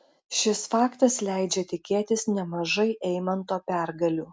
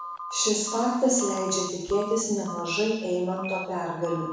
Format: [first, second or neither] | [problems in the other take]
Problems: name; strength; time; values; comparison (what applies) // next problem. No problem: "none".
first | background sound (Telephone); 11 dB below the speech // room echo; dies away in 1 s